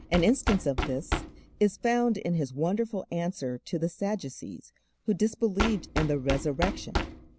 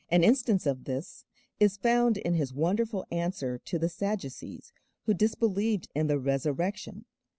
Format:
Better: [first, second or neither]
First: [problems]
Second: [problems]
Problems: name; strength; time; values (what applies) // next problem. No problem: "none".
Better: second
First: background sound (Knock); 7 dB below the speech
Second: none